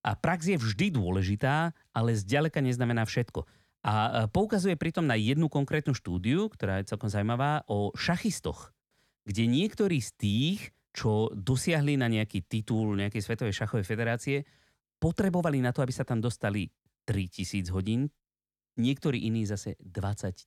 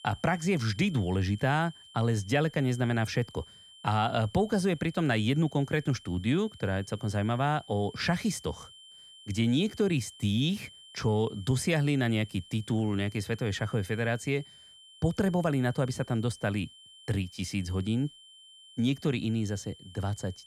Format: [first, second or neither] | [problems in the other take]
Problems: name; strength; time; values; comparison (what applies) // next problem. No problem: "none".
first | high-pitched whine; faint; throughout; 3 kHz, 20 dB below the speech